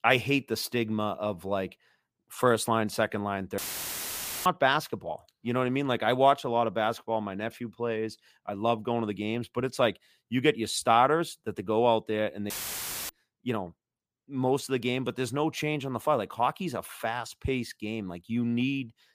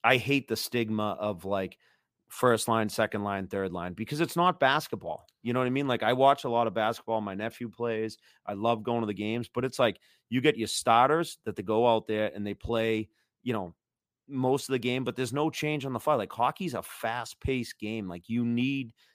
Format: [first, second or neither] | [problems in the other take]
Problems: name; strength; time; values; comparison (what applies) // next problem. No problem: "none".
second | audio cutting out; filled with static; at 3.5 s for 1 s and at 13 s for 0.5 s